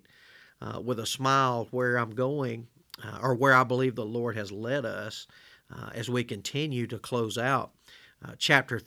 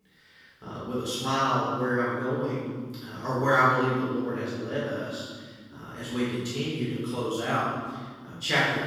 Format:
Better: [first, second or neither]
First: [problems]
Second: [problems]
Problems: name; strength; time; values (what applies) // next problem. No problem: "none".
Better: first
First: none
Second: off-mic speech; far // room echo; strong; dies away in 1.4 s